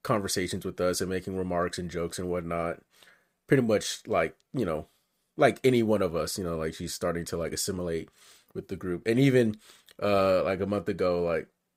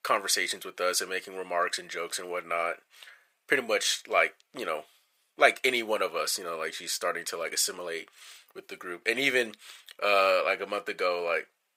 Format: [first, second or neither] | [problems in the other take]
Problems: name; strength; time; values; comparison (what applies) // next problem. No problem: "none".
first | thin; very; fading below 700 Hz